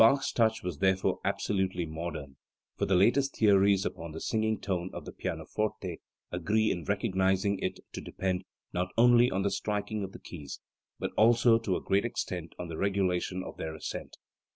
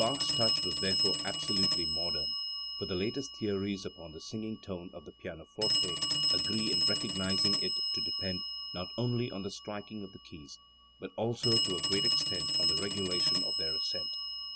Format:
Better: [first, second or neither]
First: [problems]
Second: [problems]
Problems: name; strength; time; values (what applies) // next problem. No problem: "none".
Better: first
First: none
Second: background sound (Telephone); 5 dB above the speech